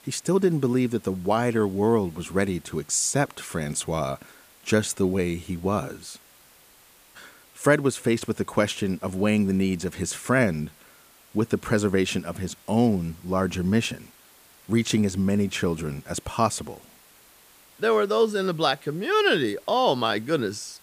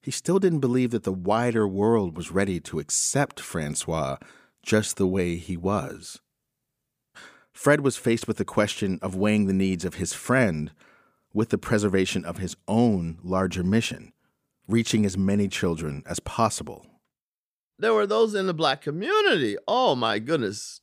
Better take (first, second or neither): second